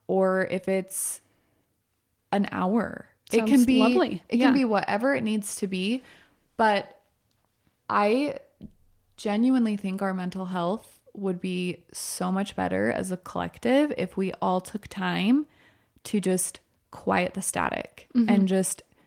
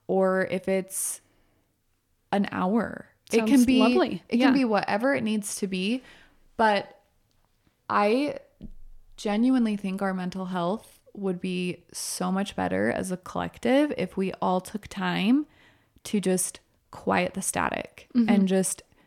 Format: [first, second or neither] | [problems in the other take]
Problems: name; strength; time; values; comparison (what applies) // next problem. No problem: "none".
second | garbled, watery; slightly; nothing above 18.5 kHz